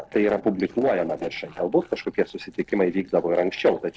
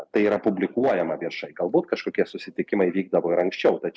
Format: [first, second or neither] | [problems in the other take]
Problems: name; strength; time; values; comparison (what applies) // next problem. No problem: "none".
second | noise reduction (neural separator model SepFormer DNS4)